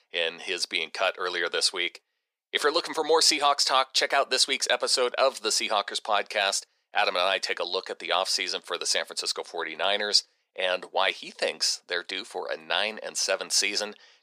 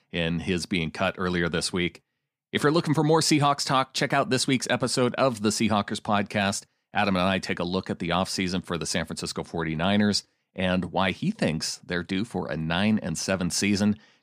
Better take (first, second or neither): second